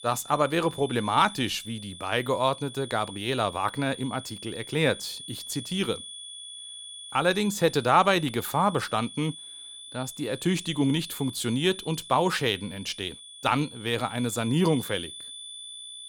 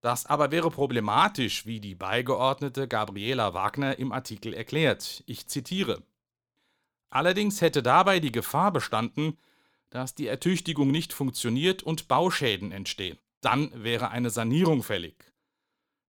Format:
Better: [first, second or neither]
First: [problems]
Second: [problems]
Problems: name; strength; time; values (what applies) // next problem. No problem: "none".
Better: second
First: high-pitched whine; noticeable; throughout; 3.5 kHz, 15 dB below the speech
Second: none